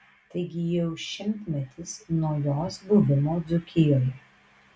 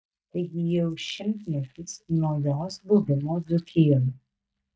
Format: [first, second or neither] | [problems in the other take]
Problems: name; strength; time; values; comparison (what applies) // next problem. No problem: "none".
first | noise reduction (neural mask model DeepFilterNet 3)